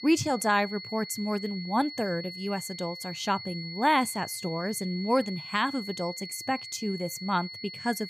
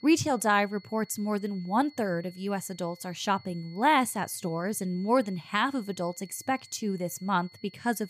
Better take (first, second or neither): second